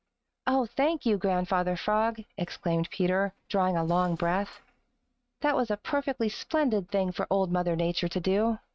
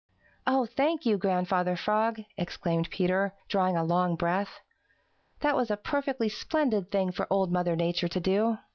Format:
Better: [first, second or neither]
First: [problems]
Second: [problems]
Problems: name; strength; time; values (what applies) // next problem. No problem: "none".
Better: second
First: noise reduction (neural mask model RNNoise)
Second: none